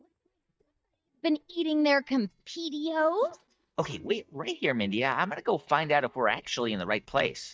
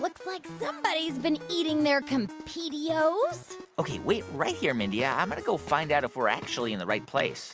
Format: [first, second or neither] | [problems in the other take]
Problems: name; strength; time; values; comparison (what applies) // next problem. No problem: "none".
second | noise reduction (neural mask model DeepFilterNet 3)